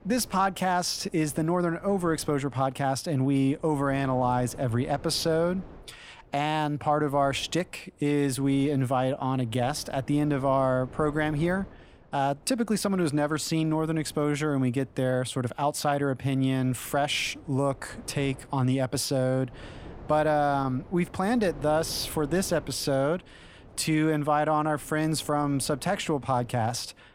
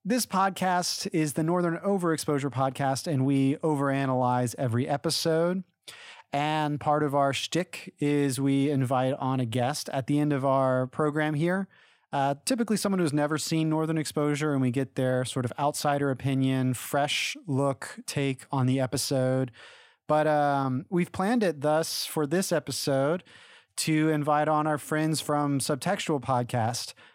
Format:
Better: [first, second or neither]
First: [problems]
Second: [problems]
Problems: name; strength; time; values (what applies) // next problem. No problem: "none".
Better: second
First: wind noise on the microphone; occasional gusts; 25 dB below the speech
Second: none